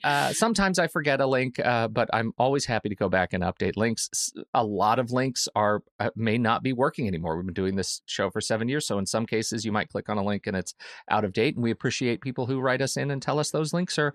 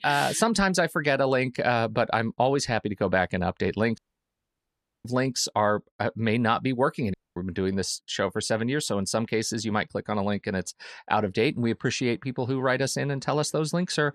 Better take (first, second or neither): first